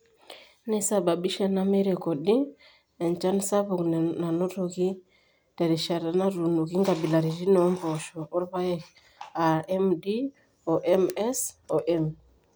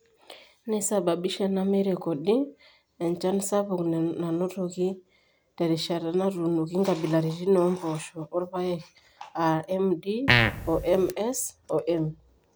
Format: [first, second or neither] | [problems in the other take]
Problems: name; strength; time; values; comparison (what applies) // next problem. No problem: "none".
first | background sound (Fart); 3 dB above the speech